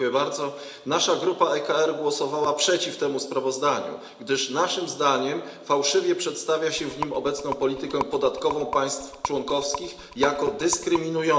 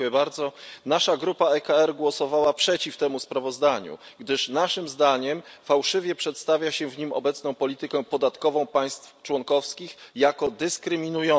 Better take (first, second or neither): second